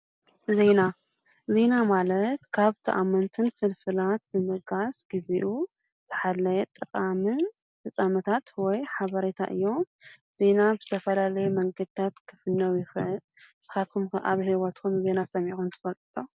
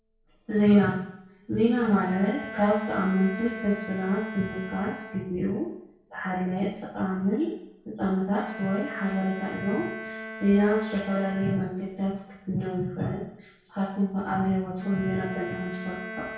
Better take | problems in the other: first | background sound (Bowed string instrument); 14 dB below the speech // room echo; dies away in 0.6 s

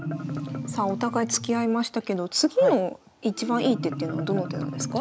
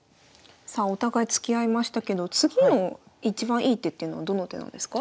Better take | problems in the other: second | background sound (Marimba, xylophone); 8 dB below the speech

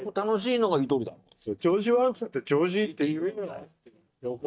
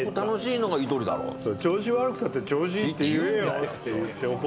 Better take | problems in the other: second | noise reduction (neural mask model DeepFilterNet 3)

